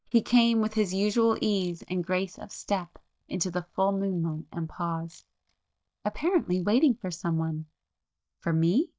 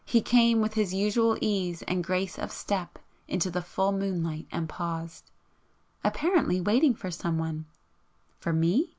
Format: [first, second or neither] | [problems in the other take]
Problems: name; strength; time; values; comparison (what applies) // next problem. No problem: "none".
second | noise reduction (neural mask model DeepFilterNet 3)